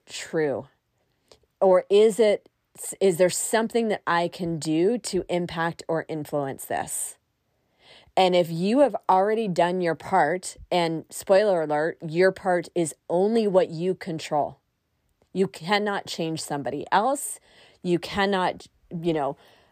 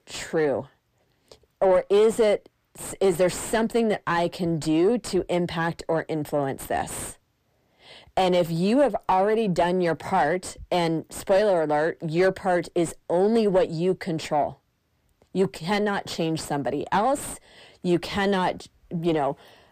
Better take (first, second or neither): first